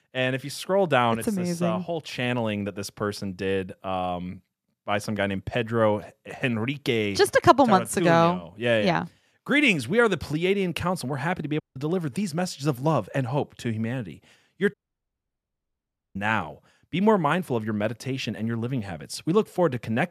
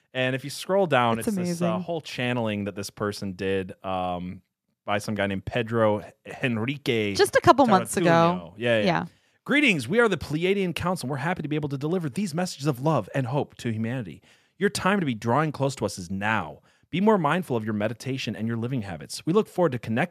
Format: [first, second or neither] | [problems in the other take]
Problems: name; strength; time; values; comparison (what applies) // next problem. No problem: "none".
second | audio cutting out; at 12 s and at 15 s for 1.5 s